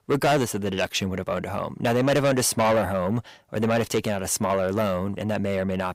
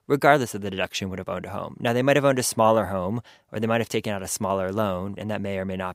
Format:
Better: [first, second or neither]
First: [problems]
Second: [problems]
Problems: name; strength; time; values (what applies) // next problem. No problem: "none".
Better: second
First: distortion; heavy; 6 dB below the speech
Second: none